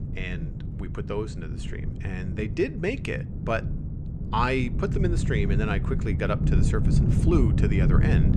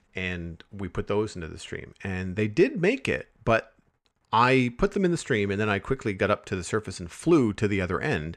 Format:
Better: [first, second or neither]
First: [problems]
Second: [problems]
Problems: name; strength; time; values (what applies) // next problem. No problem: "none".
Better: second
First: wind noise on the microphone; heavy; 7 dB below the speech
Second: none